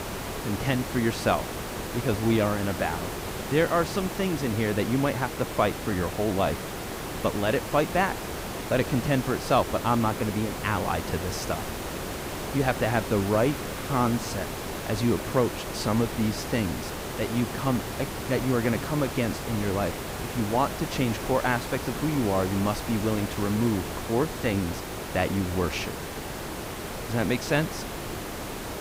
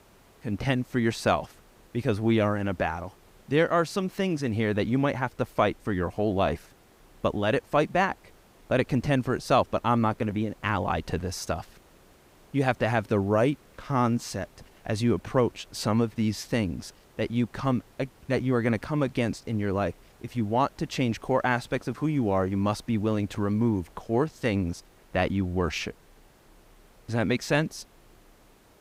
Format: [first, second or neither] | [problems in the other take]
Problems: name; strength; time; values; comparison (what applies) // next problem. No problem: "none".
second | hiss; loud; throughout; 6 dB below the speech; faint in the second